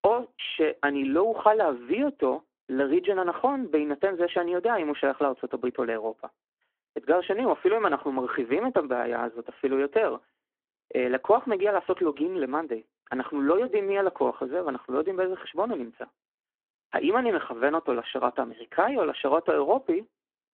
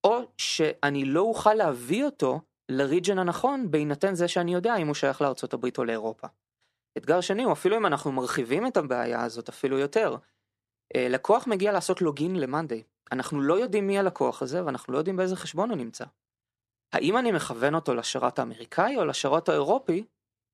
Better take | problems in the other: second | phone-call audio

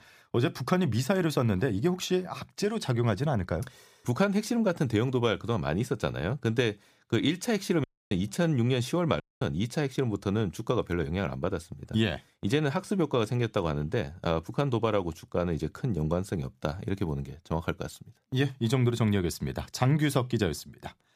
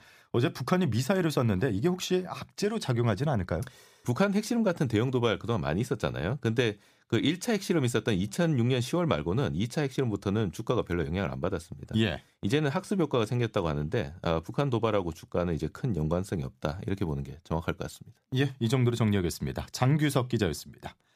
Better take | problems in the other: second | audio cutting out; at 8 s and at 9 s

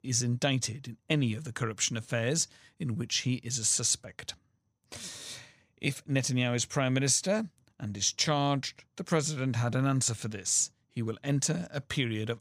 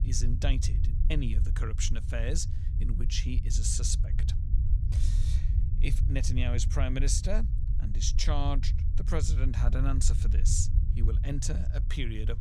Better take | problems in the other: first | low rumble; noticeable; throughout; 10 dB below the speech

